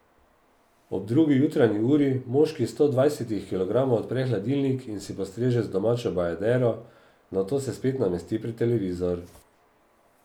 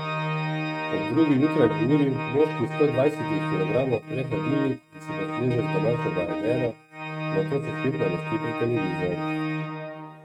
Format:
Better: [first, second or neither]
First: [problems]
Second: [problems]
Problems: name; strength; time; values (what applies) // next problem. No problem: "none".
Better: first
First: none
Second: noise reduction (neural mask model RNNoise)